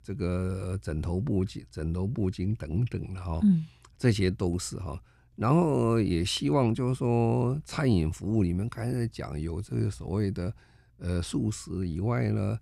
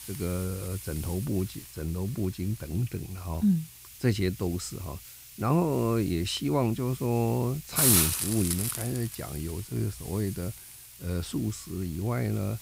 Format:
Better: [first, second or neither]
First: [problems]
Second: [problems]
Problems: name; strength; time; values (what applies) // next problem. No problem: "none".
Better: first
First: none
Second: hiss; very loud; throughout; as loud as the speech